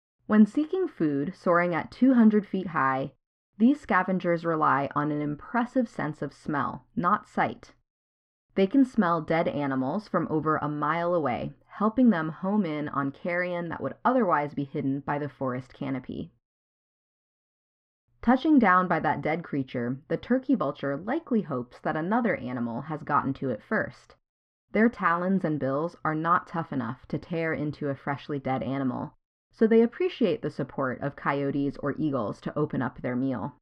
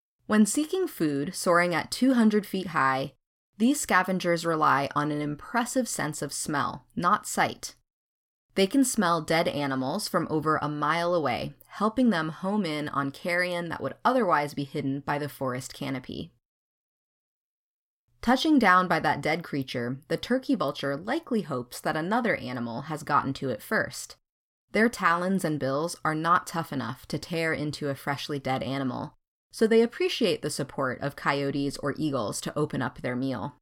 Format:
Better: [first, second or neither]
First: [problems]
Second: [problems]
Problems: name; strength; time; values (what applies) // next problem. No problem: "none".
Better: second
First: muffled; very; fading above 2 kHz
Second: none